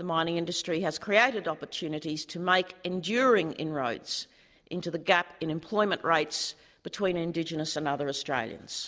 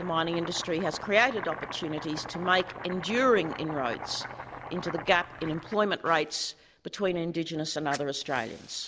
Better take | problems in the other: first | background sound (Domestic sounds, home sounds); 12 dB below the speech

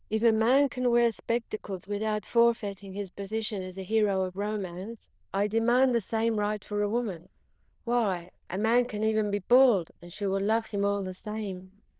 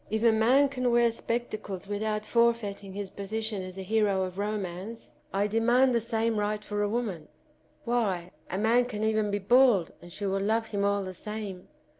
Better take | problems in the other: second | noise reduction (neural diffusion model UNIVERSE++)

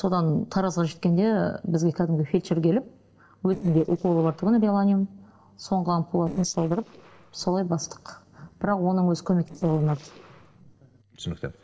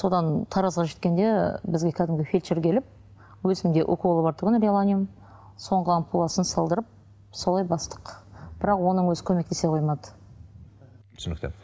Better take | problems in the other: second | noise reduction (neural separator model SepFormer DNS4)

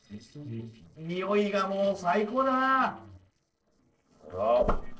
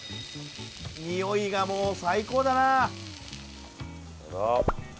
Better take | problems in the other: second | noise reduction (neural separator model SepFormer DNS4)

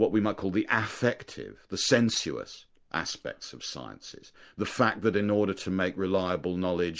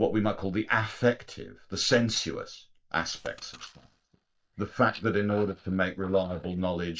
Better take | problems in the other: first | noise reduction (neural mask model DeepFilterNet 3)

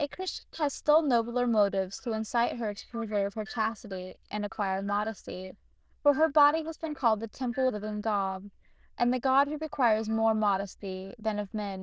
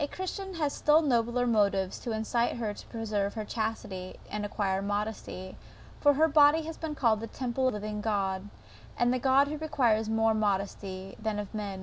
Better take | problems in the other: second | noise reduction (neural diffusion model UNIVERSE++)

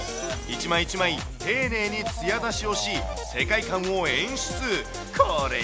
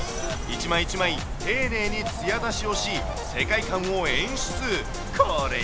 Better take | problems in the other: first | background sound (Wind); 7 dB below the speech

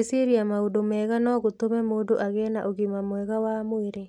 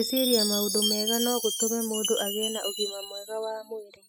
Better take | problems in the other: first | noise reduction (classical method spectral subtraction)

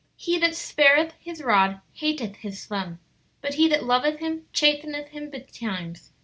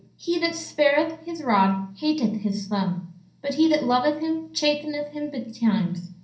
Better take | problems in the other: first | room echo; dies away in 0.6 s

